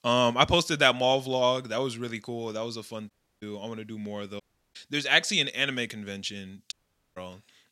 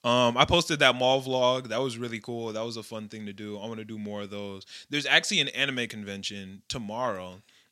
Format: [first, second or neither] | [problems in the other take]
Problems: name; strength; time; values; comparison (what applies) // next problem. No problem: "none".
second | audio cutting out; at 3 s, at 4.5 s and at 6.5 s